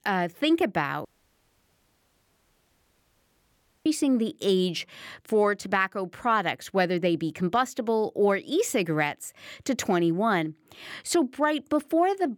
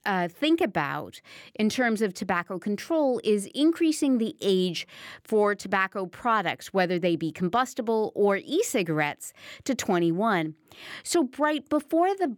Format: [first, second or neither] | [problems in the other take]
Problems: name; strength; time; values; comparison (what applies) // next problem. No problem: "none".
second | audio cutting out; at 1 s for 3 s